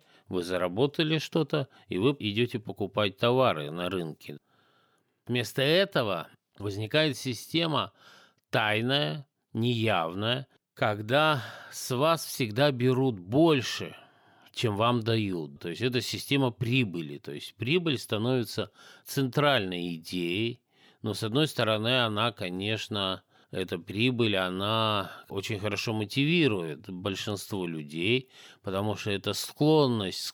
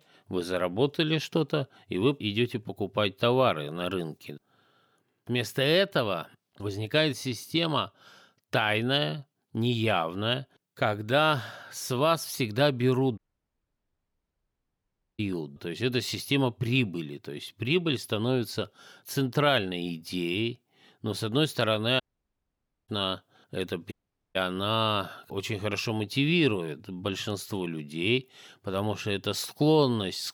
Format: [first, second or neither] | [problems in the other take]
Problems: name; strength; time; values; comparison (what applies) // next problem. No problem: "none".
first | audio cutting out; at 13 s for 2 s, at 22 s for 1 s and at 24 s